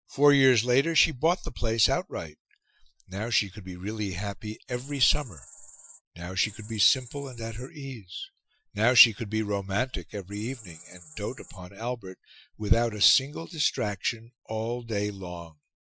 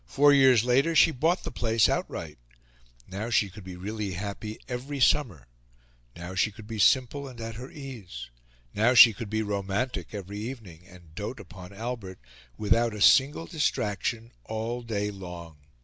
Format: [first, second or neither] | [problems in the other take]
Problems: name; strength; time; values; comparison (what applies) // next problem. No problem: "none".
second | noise reduction (classical method Wiener filter)